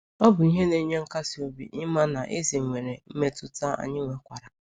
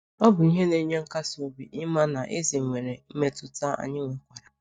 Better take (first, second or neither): first